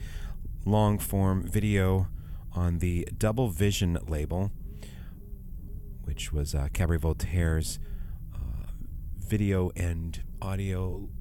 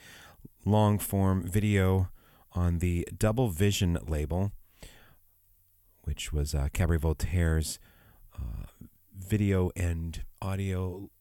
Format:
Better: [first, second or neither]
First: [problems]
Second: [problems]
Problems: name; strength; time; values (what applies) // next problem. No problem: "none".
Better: second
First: low rumble; faint; throughout; 25 dB below the speech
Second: none